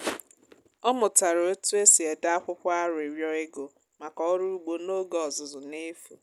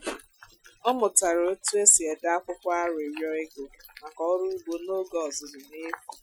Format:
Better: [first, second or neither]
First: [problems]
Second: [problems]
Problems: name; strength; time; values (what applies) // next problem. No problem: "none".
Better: first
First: none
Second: noise reduction (classical method Wiener filter)